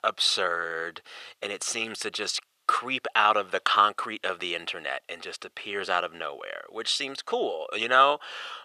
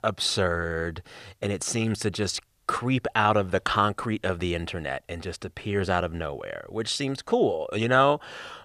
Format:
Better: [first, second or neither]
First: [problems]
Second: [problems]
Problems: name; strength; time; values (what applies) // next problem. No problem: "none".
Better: second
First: thin; very; fading below 450 Hz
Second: none